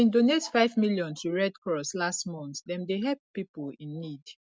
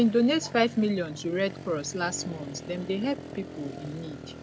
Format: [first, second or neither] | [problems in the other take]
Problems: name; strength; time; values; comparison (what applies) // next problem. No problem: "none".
first | background sound (Motorcycle); 13 dB below the speech